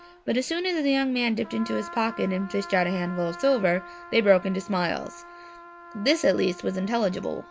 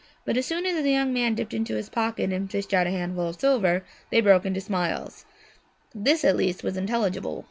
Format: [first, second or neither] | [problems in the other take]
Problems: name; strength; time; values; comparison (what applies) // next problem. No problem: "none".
second | background sound (Trumpet); 17 dB below the speech